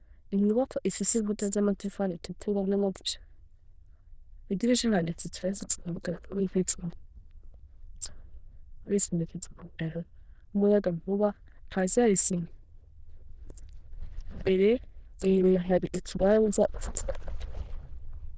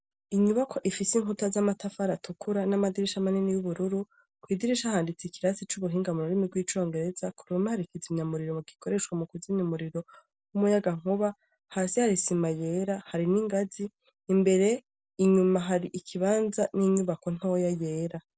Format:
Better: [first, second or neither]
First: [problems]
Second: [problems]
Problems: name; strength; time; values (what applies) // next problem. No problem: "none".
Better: second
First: noise reduction (neural diffusion model UNIVERSE++)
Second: none